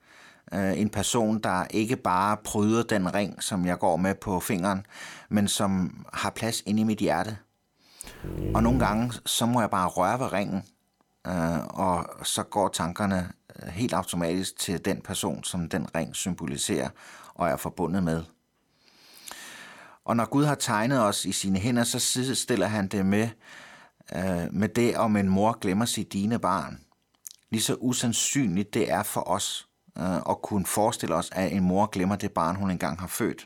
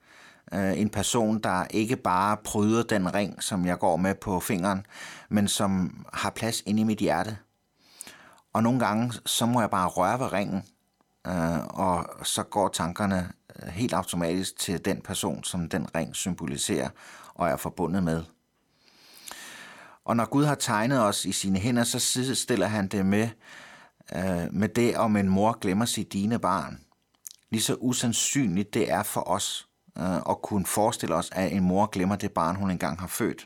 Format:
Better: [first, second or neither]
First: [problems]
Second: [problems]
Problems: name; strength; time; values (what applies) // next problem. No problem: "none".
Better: second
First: dog barking; noticeable; at 8 s; peak 3 dB below the speech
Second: none